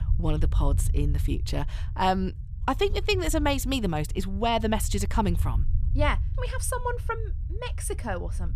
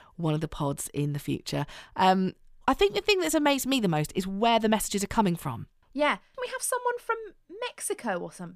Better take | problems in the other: second | low rumble; noticeable; throughout; 20 dB below the speech

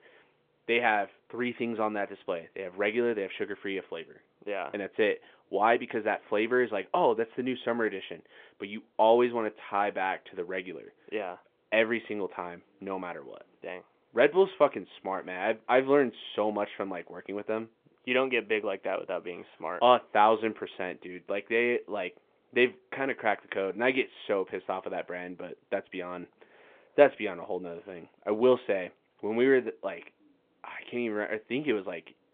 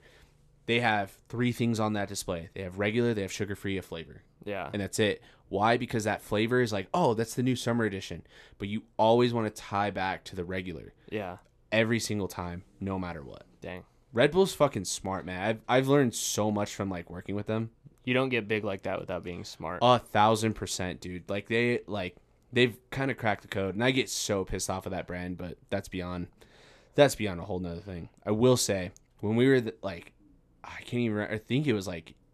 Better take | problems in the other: second | phone-call audio; nothing above 3.5 kHz

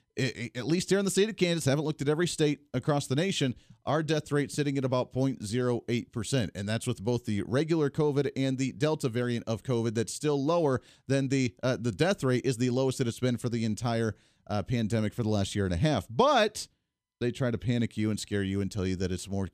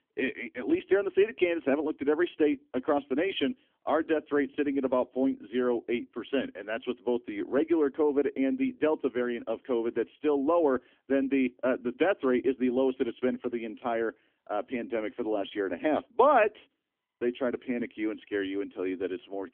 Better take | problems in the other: first | phone-call audio; nothing above 3.5 kHz

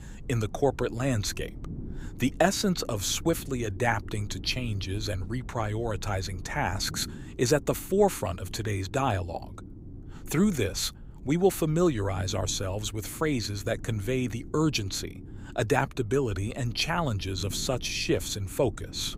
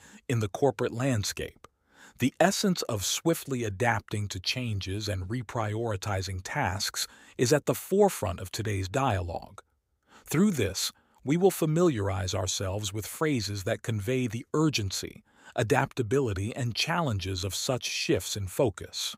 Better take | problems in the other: second | low rumble; faint; throughout; 20 dB below the speech

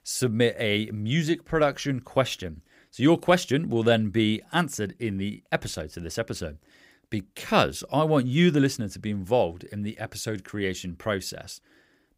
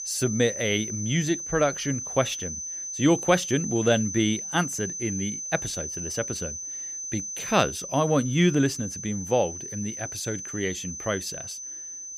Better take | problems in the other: first | high-pitched whine; loud; throughout; 6 kHz, 6 dB below the speech

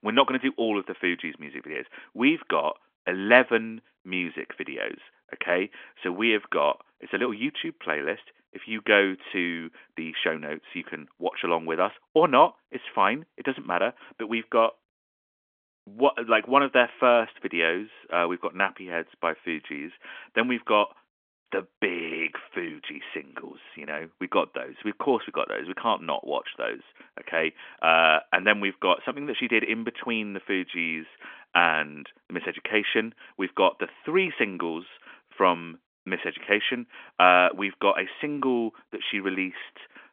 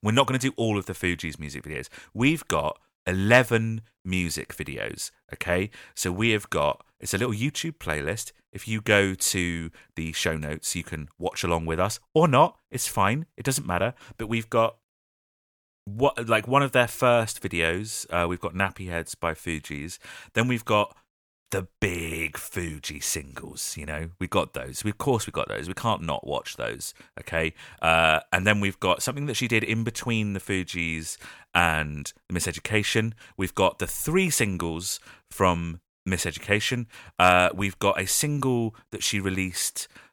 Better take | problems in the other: second | phone-call audio; nothing above 3.5 kHz

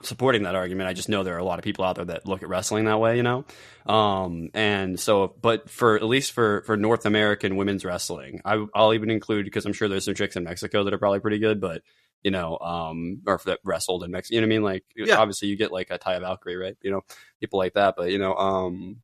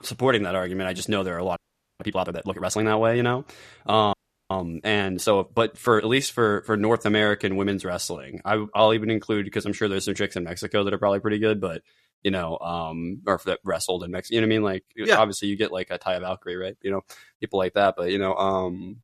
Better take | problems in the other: first | audio freezing; at 1.5 s and at 4 s

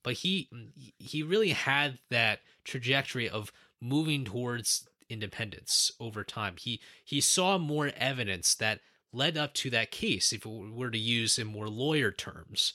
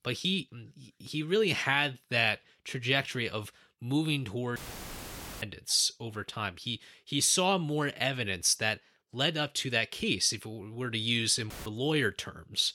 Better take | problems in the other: first | audio cutting out; filled with static; at 4.5 s for 1 s and at 12 s

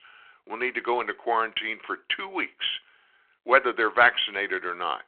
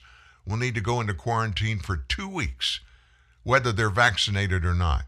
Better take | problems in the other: second | phone-call audio

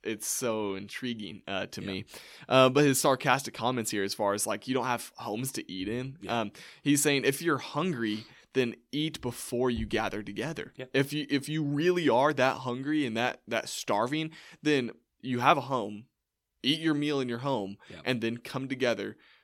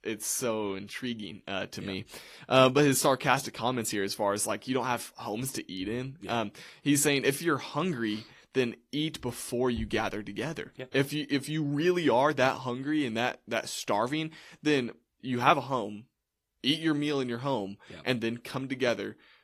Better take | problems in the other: first | garbled, watery; slightly

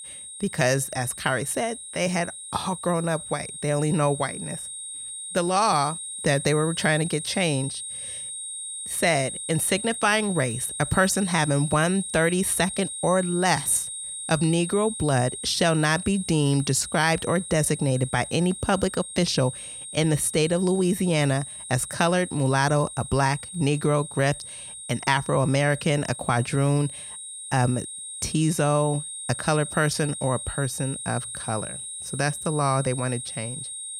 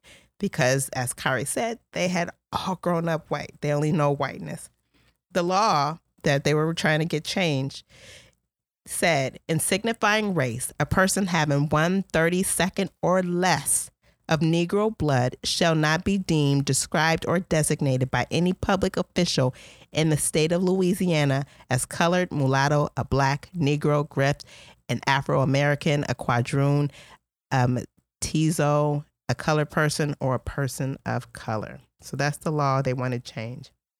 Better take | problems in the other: second | high-pitched whine; loud; throughout; 8.5 kHz, 9 dB below the speech

